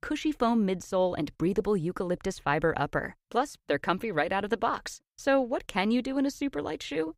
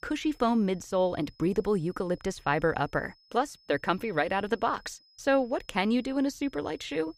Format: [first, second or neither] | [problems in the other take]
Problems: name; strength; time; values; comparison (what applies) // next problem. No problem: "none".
first | high-pitched whine; faint; throughout; 5 kHz, 30 dB below the speech